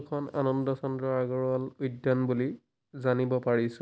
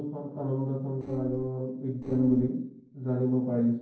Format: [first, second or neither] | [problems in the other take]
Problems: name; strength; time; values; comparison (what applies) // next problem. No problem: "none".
first | noise reduction (neural separator model SepFormer DNS4)